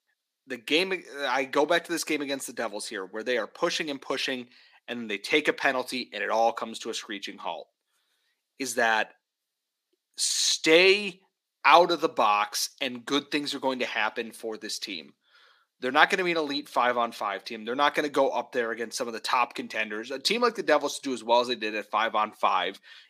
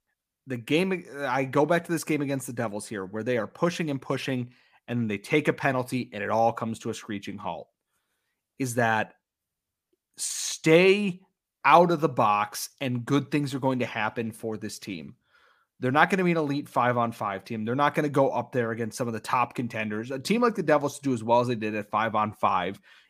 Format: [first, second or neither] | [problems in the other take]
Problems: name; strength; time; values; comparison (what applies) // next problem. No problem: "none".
second | thin; somewhat; fading below 300 Hz